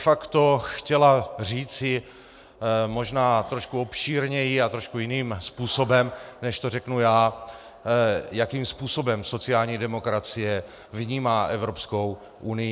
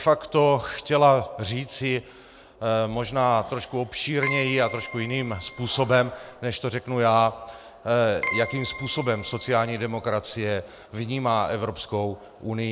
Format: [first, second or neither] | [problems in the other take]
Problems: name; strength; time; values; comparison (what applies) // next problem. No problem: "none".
first | background sound (Keyboard (musical)); 10 dB below the speech